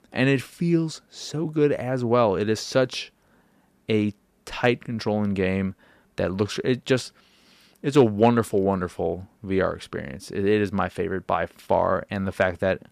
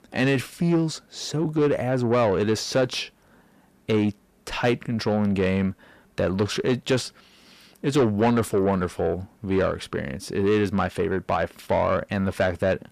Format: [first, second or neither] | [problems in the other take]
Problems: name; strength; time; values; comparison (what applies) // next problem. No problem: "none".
first | distortion; slight; 10 dB below the speech